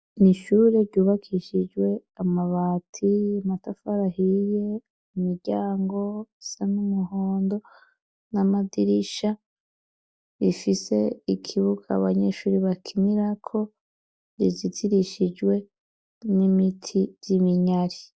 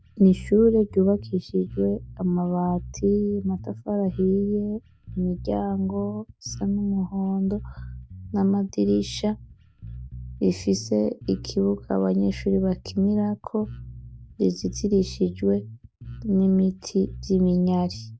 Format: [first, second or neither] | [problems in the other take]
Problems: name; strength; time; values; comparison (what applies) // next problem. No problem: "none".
first | background sound (Bass guitar); 15 dB below the speech